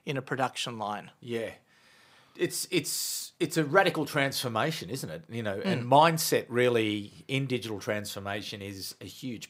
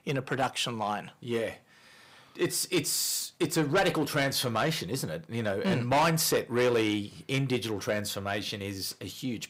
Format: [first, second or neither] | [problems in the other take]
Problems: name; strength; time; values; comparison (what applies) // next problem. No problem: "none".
first | distortion; heavy; 7 dB below the speech